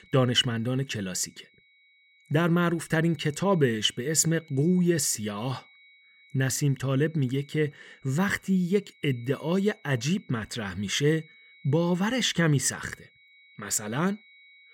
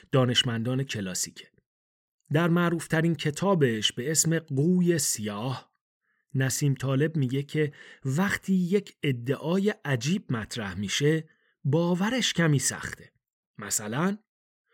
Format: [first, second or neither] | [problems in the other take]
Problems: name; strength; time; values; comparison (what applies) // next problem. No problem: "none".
second | high-pitched whine; faint; throughout; 2 kHz, 30 dB below the speech